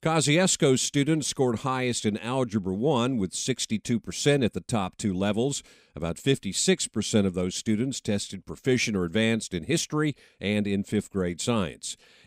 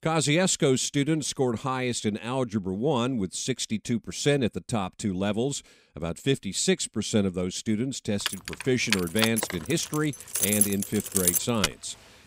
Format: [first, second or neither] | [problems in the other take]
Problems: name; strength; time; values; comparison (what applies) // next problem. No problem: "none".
first | jangling keys; loud; from 8.5 to 12 s; peak 5 dB above the speech